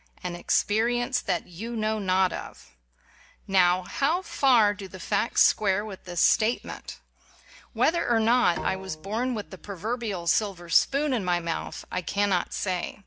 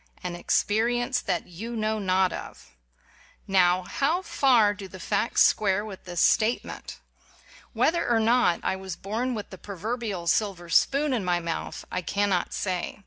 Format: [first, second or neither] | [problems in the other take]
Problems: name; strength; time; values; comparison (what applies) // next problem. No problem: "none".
second | background sound (Bowed string instrument); 16 dB below the speech